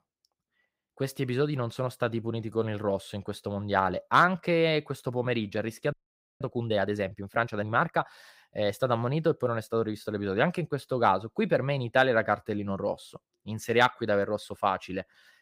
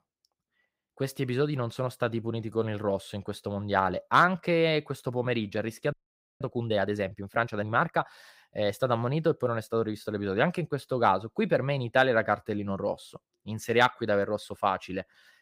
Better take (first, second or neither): neither